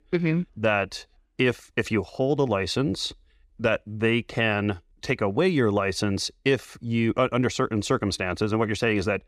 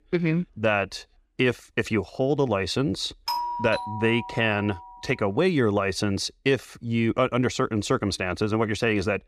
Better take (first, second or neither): first